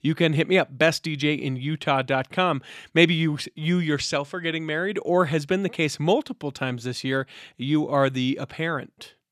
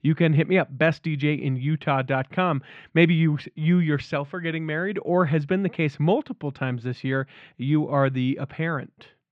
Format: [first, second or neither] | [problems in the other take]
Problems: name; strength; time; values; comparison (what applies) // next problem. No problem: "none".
first | muffled; slightly; fading above 2 kHz